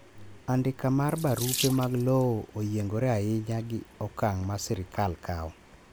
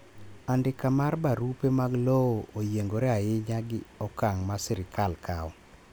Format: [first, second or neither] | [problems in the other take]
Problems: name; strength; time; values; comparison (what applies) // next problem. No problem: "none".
second | background sound (Sink (filling or washing) / Water tap, faucet); 14 dB below the speech